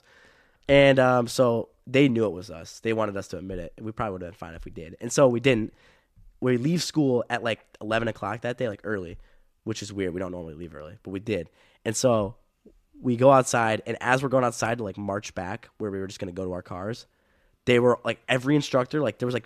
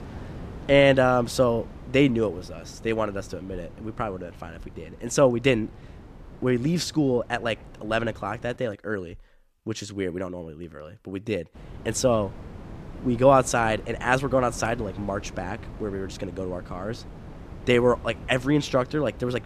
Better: first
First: none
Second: wind noise on the microphone; occasional gusts; until 8.5 s and from 12 s on; 25 dB below the speech

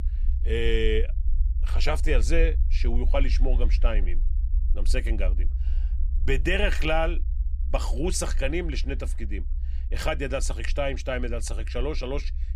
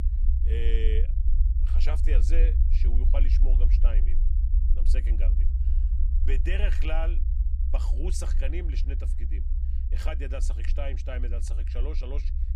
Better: first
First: low rumble; faint; throughout; 20 dB below the speech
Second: low rumble; loud; throughout; 8 dB below the speech

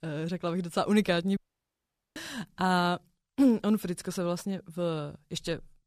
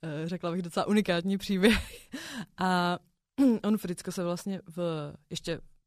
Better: second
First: audio cutting out; at 1.5 s for 1 s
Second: none

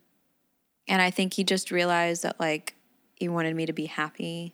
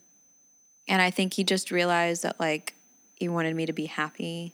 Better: first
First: none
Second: high-pitched whine; faint; throughout; 6 kHz, 30 dB below the speech

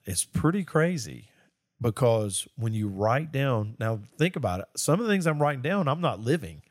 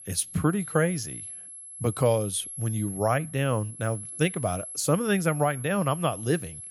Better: first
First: none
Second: high-pitched whine; noticeable; throughout; 11 kHz, 10 dB below the speech

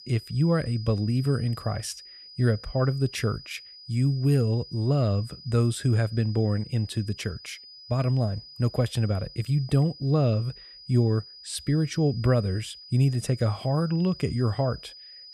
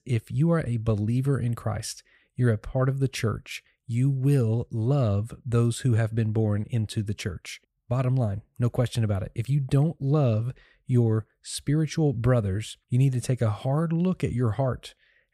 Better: second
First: high-pitched whine; noticeable; throughout; 5 kHz, 15 dB below the speech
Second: none

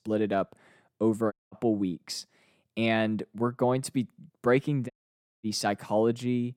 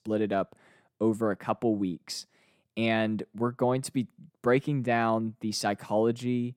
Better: second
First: audio cutting out; at 1.5 s and at 5 s for 0.5 s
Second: none

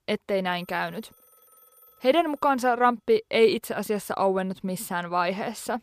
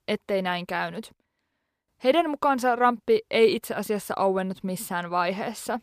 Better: second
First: alarms or sirens; faint; throughout; 30 dB below the speech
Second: none

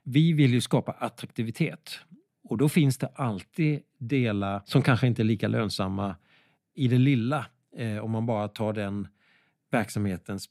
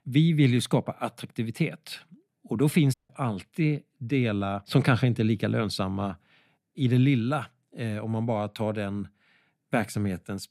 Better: first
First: none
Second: audio cutting out; at 3 s

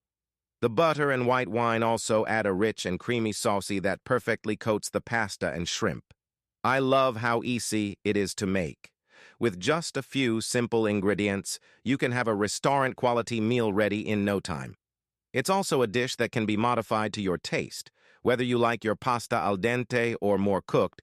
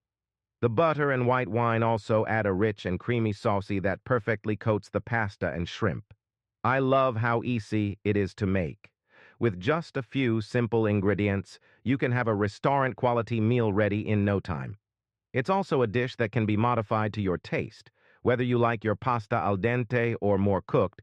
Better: first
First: none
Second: muffled; slightly; fading above 2.5 kHz

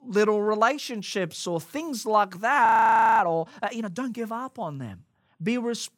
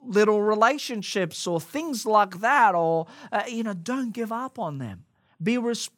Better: second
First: audio freezing; at 2.5 s for 0.5 s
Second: none

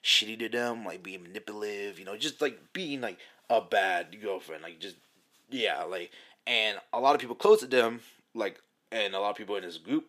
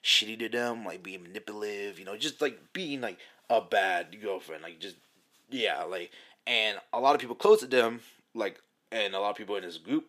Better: neither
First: thin; somewhat; fading below 300 Hz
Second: thin; somewhat; fading below 300 Hz

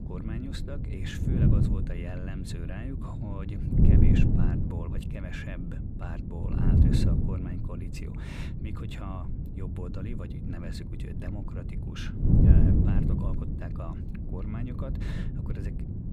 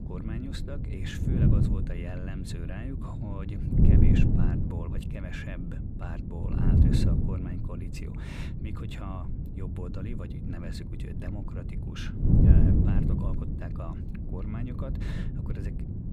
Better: neither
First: wind noise on the microphone; heavy; 4 dB above the speech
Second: wind noise on the microphone; heavy; 4 dB above the speech

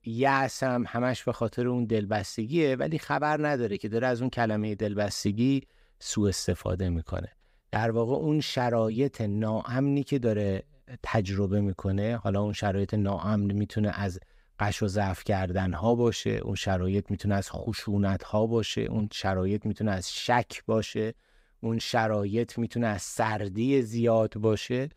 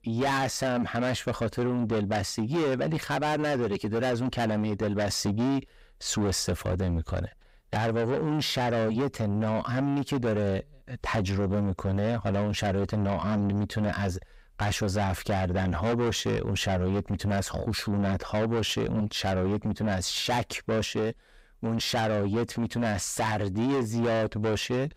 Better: first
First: none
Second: distortion; heavy; 7 dB below the speech

